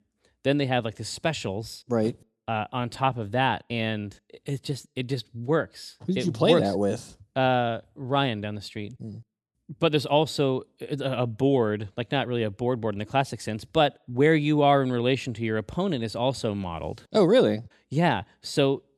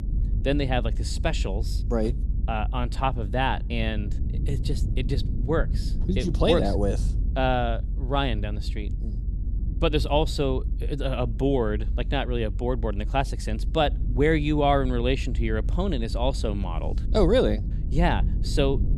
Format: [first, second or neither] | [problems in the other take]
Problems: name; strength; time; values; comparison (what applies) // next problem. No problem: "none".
first | low rumble; noticeable; throughout; 20 dB below the speech